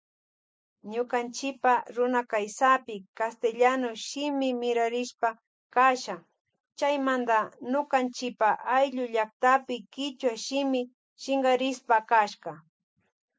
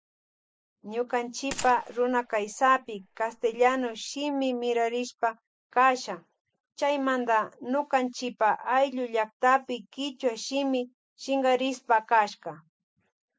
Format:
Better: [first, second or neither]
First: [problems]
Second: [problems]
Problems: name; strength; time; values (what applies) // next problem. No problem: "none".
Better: first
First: none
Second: background sound (Gunshot, gunfire); 17 dB below the speech